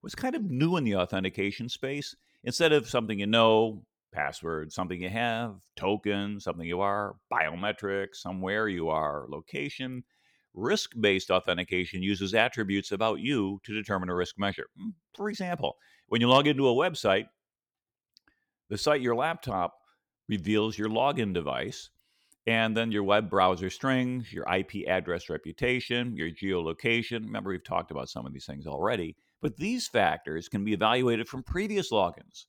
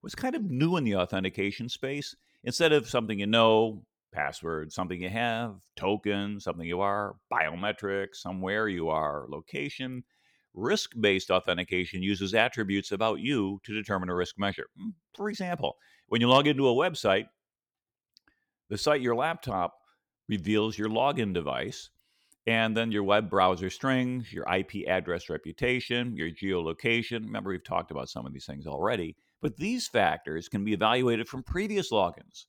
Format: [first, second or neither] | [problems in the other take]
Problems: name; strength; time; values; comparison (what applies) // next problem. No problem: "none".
neither | none